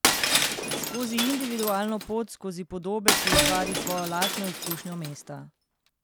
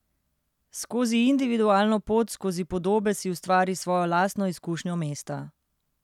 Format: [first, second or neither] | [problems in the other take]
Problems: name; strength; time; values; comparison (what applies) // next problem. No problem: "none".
second | background sound (Bowed string instrument + Shatter); 3 dB above the speech